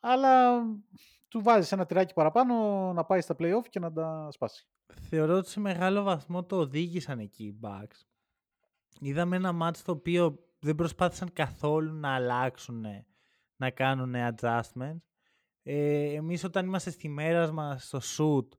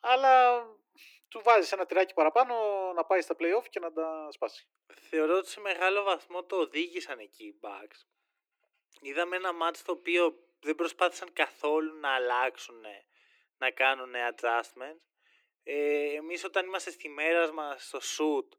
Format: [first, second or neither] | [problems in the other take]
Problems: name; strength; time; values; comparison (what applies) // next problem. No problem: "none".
first | thin; very; fading below 300 Hz